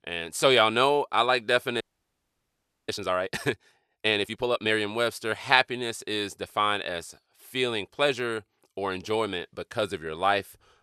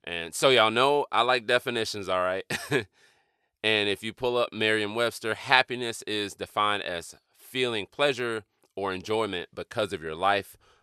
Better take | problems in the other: second | audio freezing; at 2 s for 1 s

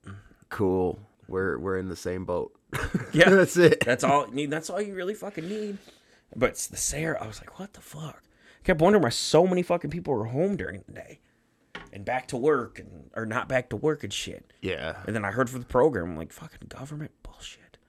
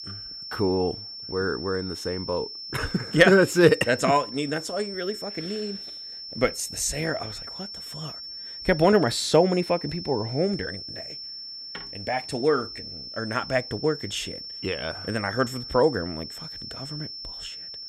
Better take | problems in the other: first | high-pitched whine; noticeable; throughout; 5.5 kHz, 10 dB below the speech

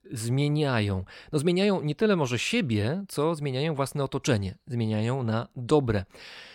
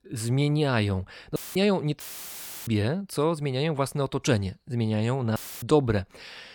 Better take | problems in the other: first | audio cutting out; filled with static; at 1.5 s, at 2 s for 0.5 s and at 5.5 s

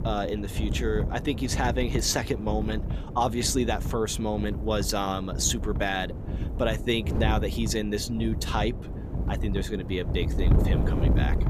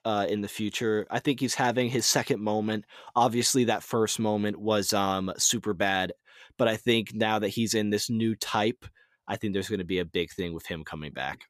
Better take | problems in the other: second | wind noise on the microphone; occasional gusts; 10 dB below the speech

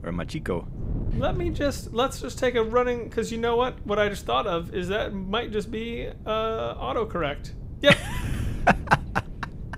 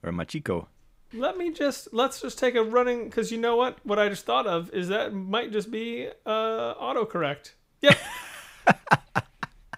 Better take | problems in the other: second | wind noise on the microphone; occasional gusts; 20 dB below the speech

